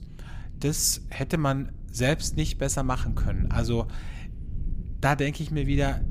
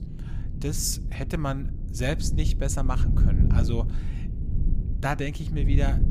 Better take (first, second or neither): first